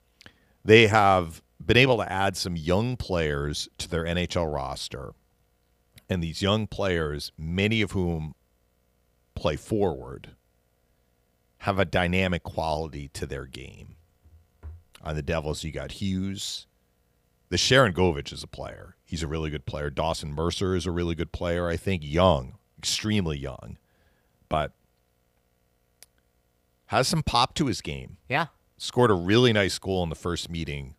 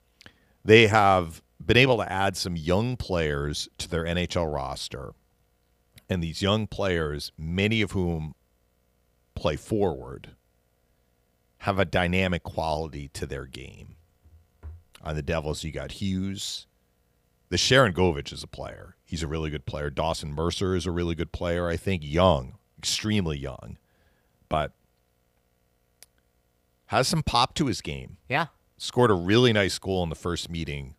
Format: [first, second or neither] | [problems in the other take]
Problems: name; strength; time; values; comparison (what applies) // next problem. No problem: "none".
neither | none